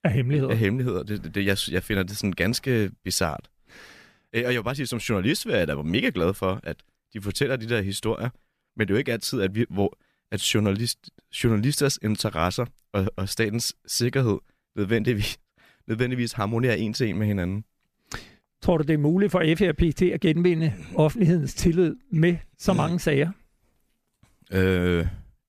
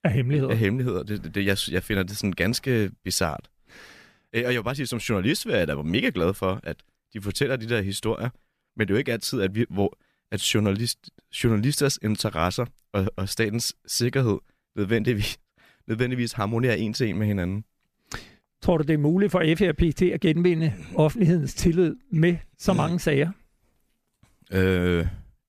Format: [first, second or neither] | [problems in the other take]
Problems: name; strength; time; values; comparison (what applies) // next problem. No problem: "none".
neither | none